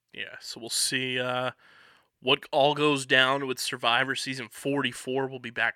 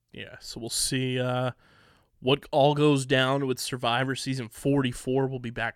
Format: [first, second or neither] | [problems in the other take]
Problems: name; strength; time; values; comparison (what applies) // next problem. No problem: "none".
second | thin; very slightly; fading below 750 Hz